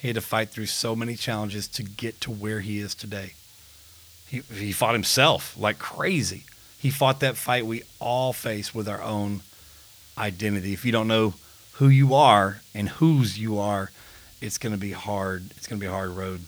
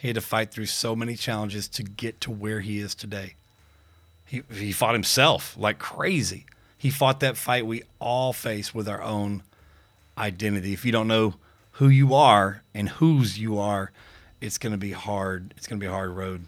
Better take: second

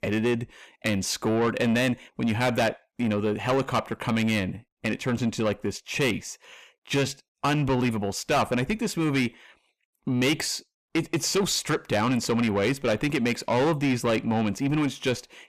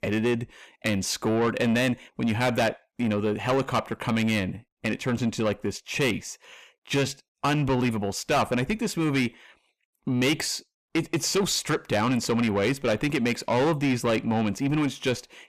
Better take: neither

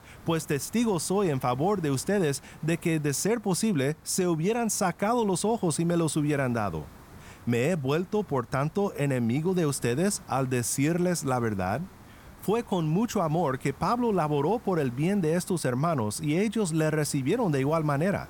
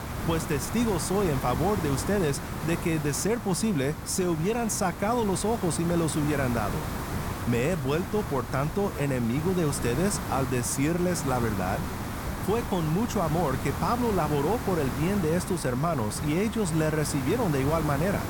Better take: first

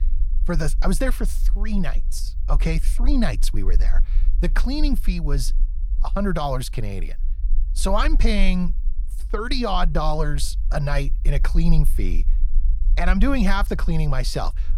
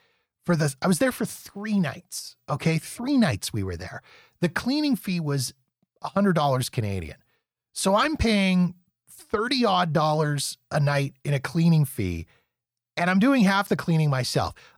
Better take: second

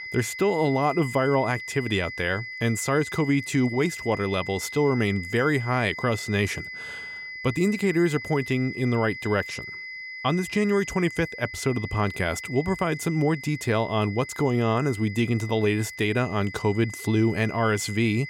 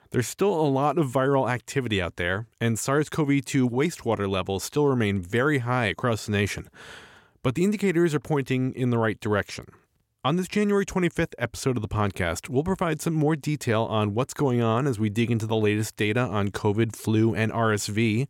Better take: second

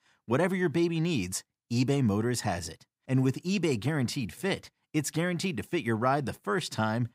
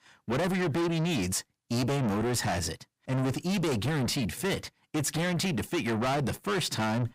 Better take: first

